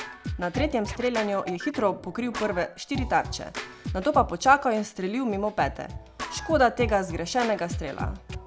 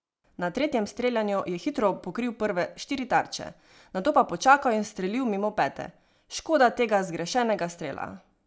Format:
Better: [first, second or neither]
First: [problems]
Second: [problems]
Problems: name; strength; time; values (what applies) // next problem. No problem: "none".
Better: second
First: background sound (Scratching (performance technique)); 9 dB below the speech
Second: none